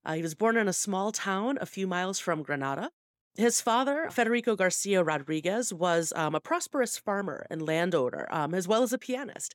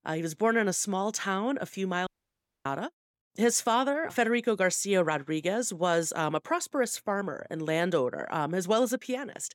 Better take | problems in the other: first | audio cutting out; at 2 s for 0.5 s

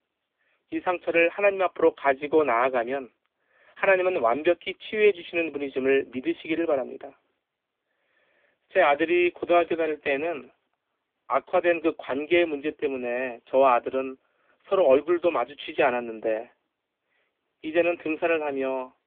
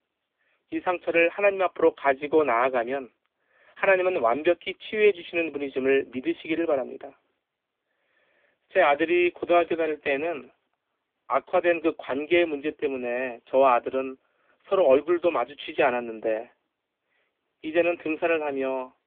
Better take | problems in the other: neither | phone-call audio; poor line; nothing above 3.5 kHz; the same in both

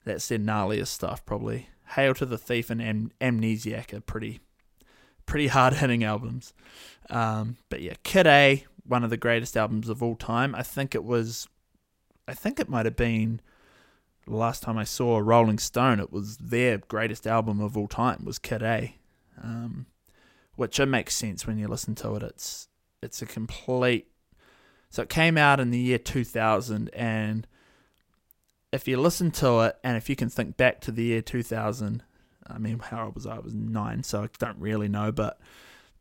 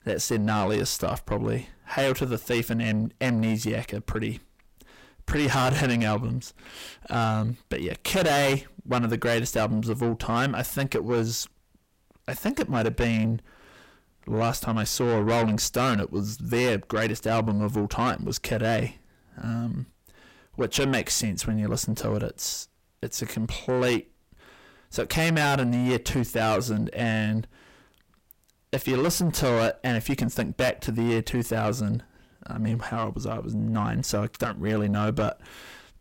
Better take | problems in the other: first | distortion; heavy; 6 dB below the speech

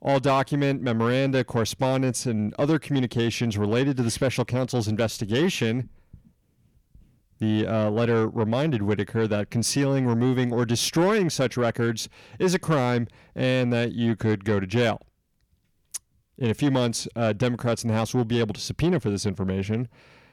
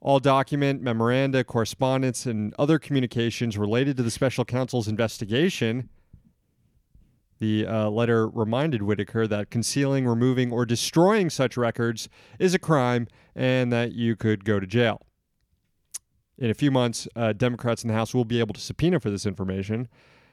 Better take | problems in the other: second | distortion; slight; 10 dB below the speech

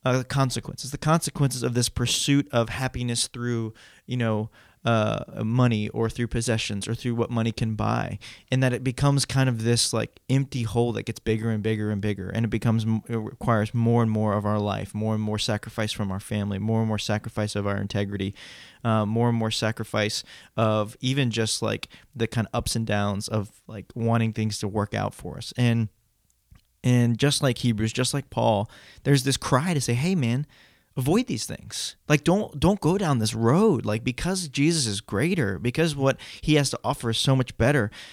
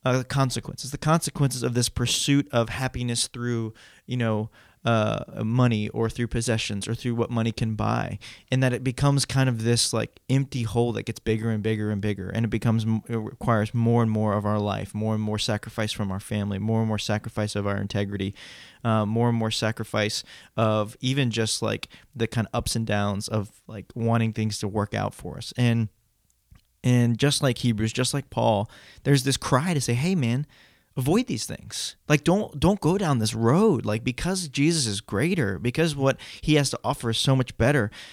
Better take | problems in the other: neither | none

